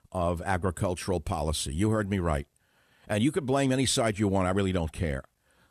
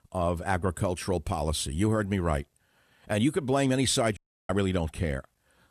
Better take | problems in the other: first | audio cutting out; at 4 s

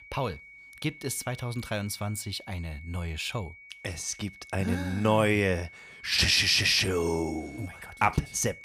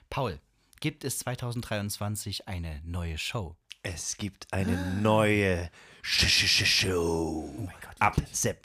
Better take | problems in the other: second | high-pitched whine; noticeable; throughout; 2 kHz, 20 dB below the speech

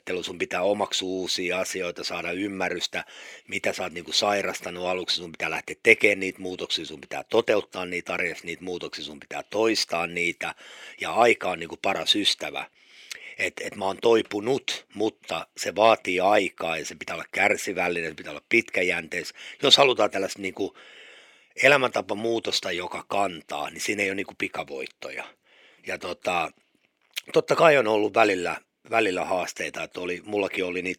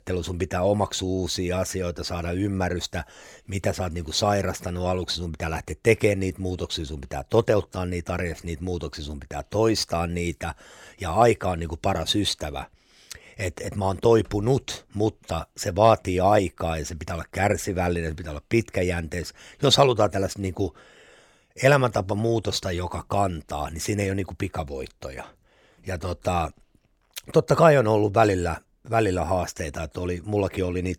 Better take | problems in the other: second | thin; somewhat; fading below 300 Hz

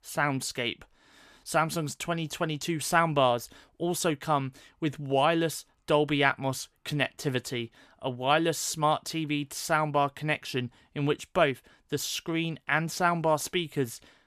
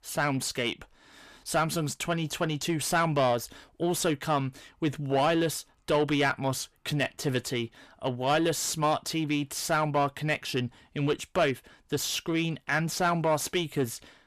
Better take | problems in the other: first | distortion; slight; 10 dB below the speech

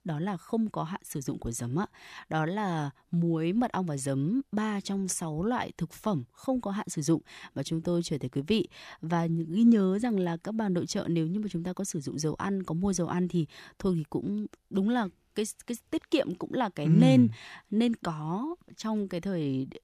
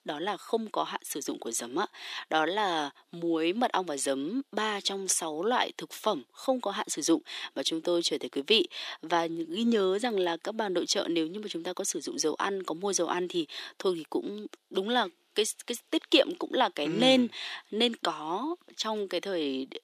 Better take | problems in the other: first | thin; somewhat; fading below 300 Hz

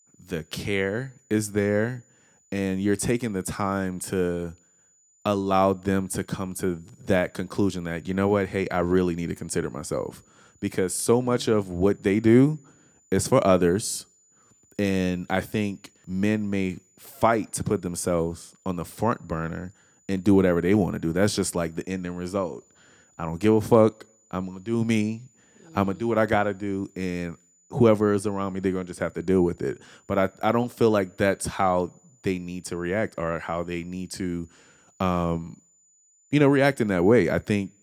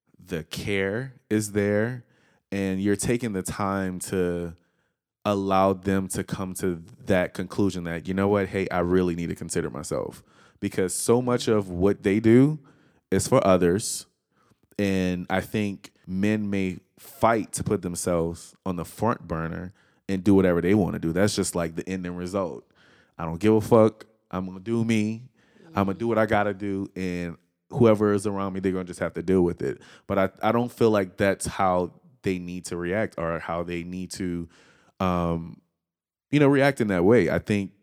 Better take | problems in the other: second | high-pitched whine; faint; throughout; 7 kHz, 35 dB below the speech

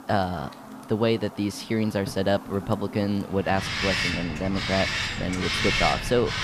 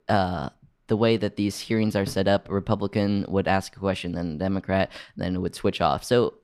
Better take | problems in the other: second | animal sounds; very loud; throughout; as loud as the speech

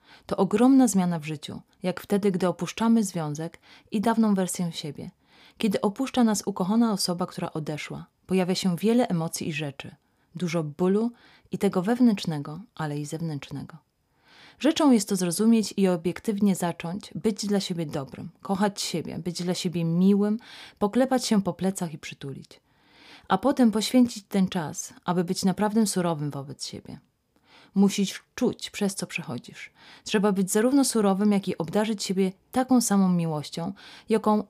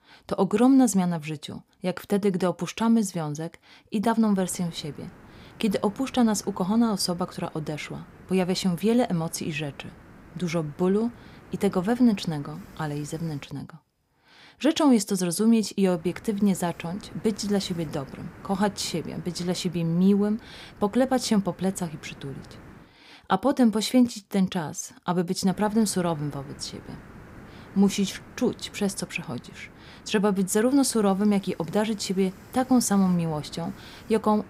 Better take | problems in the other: first | hiss; faint; from 4.5 to 13 s, from 16 to 23 s and from 25 s on; 20 dB below the speech

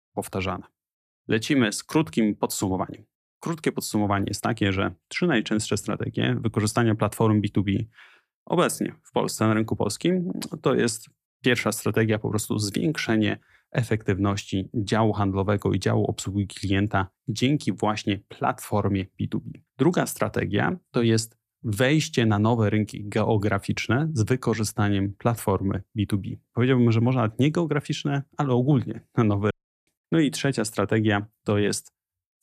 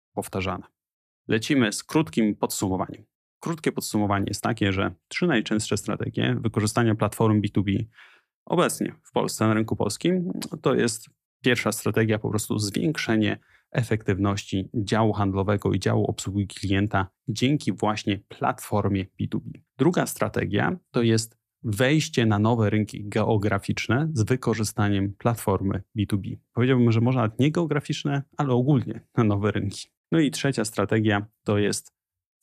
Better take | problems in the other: second | audio cutting out; at 30 s

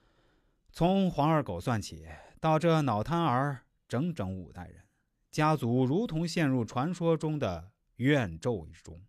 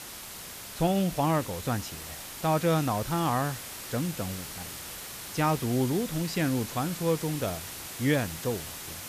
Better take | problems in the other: first | hiss; loud; throughout; 9 dB below the speech

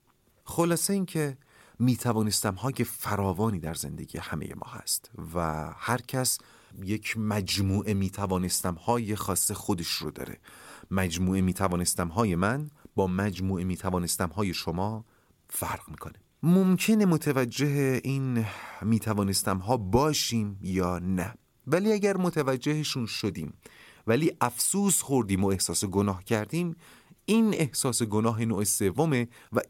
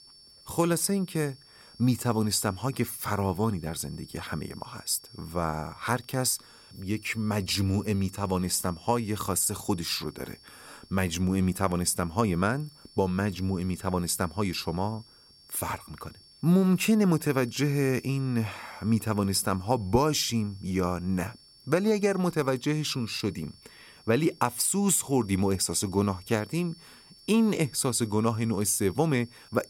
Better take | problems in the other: first | high-pitched whine; faint; throughout; 5.5 kHz, 25 dB below the speech

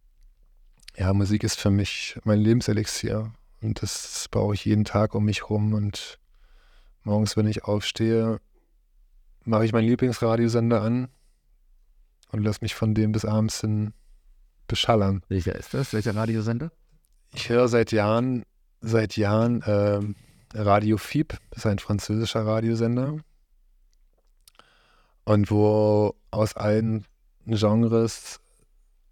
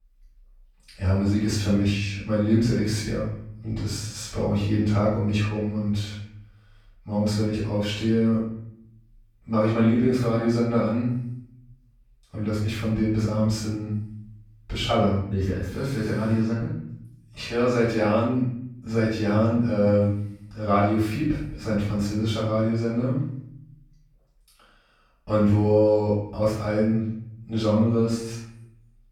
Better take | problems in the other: first | off-mic speech; far // room echo; noticeable; dies away in 0.7 s

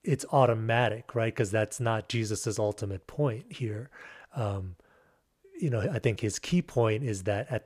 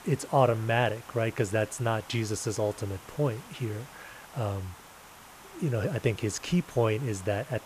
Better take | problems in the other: first | hiss; noticeable; throughout; 20 dB below the speech

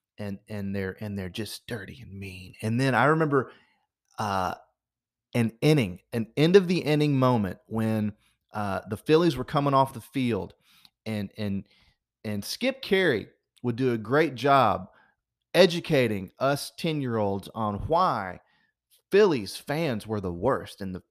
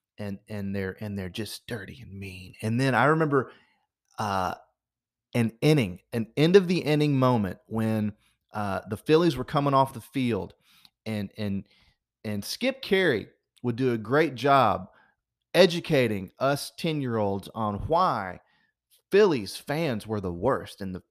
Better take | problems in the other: neither | none

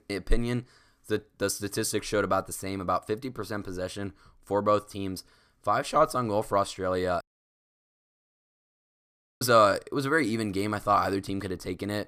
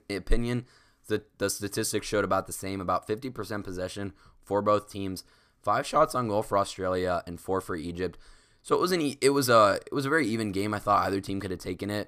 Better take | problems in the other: second | audio cutting out; at 7 s for 2 s

